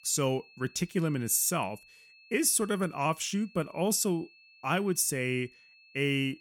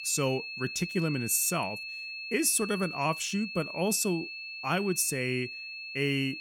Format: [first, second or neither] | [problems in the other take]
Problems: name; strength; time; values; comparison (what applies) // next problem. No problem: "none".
first | high-pitched whine; loud; throughout; 2.5 kHz, 8 dB below the speech; faint in the first